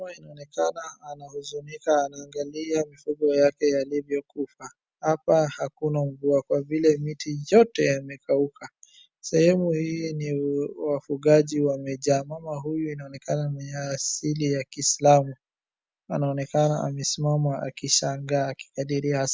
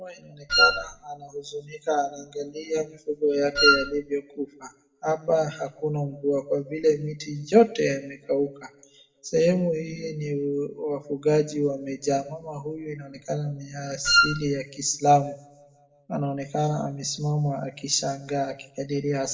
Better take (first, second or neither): first